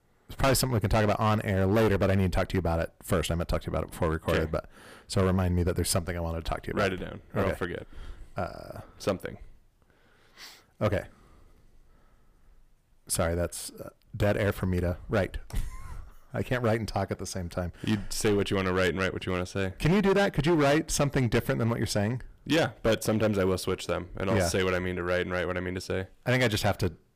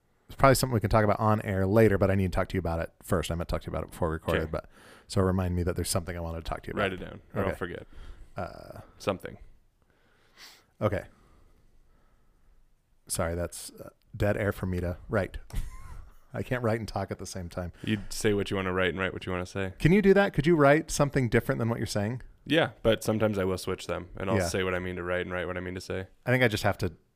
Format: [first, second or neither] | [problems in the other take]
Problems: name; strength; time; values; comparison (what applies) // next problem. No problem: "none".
second | distortion; heavy; 6% of the sound clipped